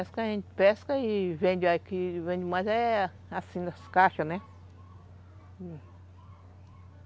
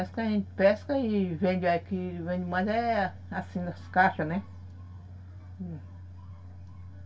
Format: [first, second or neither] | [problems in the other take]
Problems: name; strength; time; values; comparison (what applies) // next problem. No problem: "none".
first | room echo; dies away in 0.2 s